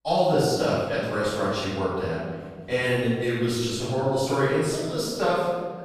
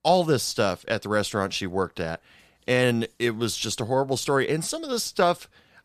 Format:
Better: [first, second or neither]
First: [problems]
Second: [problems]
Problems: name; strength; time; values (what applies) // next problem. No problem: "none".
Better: second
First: off-mic speech; far // room echo; strong; dies away in 1.7 s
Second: none